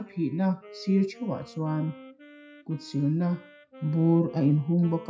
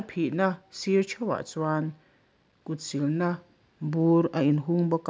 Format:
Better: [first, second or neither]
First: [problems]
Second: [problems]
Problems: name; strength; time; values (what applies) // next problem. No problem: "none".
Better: second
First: noise reduction (classical method WPE with log-MMSE)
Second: none